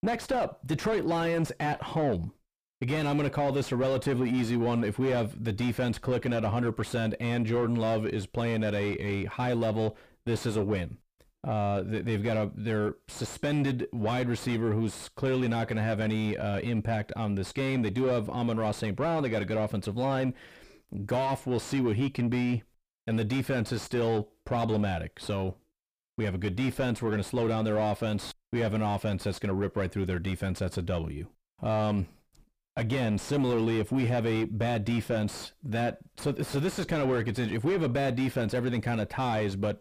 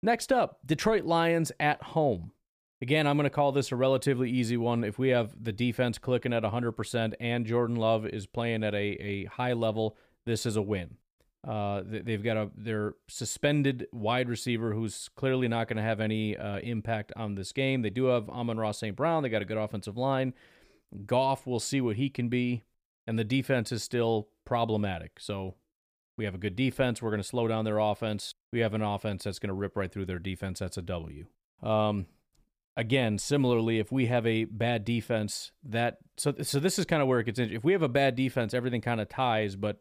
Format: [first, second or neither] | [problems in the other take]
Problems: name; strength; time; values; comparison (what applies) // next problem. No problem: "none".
second | distortion; heavy; 7 dB below the speech